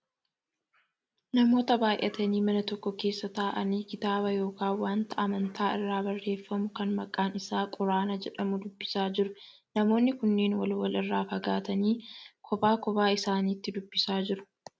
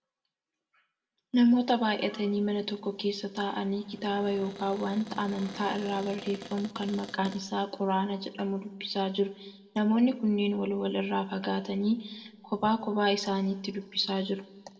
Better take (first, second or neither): first